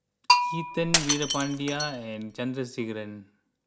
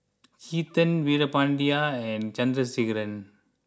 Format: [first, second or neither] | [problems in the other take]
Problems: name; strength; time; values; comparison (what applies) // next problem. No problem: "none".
second | background sound (Bell + Shatter); 3 dB above the speech